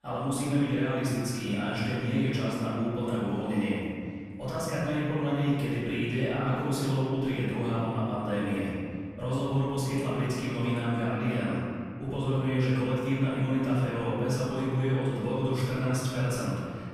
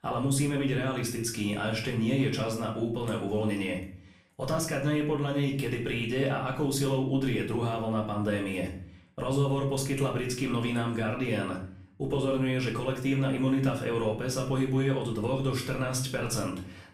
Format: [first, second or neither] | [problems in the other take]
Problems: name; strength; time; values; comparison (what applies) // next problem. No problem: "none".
second | room echo; strong; dies away in 2.4 s; slight in the second // off-mic speech; far; far in the second